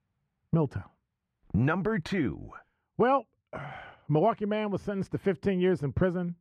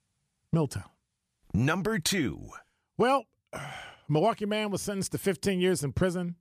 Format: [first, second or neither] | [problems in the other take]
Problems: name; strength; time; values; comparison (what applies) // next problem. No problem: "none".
second | muffled; very; fading above 4 kHz